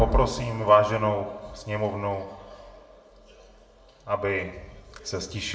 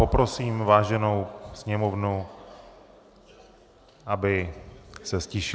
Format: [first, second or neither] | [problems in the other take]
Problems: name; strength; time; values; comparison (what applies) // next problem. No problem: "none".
second | background sound (Drum); 20 dB below the speech // room echo; dies away in 0.6 s